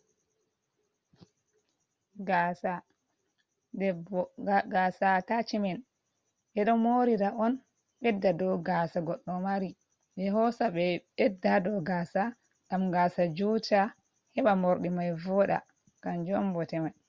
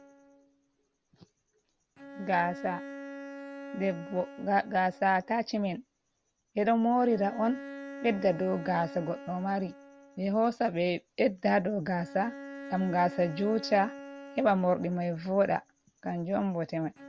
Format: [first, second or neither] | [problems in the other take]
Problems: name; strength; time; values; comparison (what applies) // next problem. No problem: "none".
first | background sound (Bowed string instrument); 16 dB below the speech